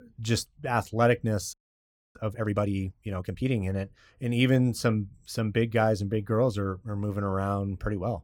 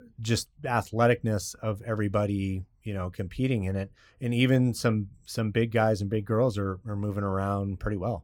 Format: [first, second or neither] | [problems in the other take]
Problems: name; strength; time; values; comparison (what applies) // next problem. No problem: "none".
second | audio freezing; at 1.5 s for 0.5 s